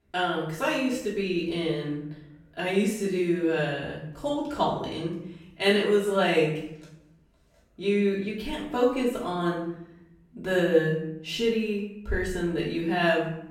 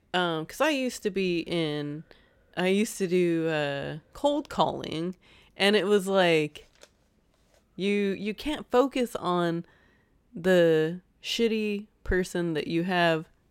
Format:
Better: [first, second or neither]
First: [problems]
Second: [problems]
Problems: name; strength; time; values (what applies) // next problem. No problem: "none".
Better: second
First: room echo; noticeable; dies away in 0.6 s // off-mic speech; far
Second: none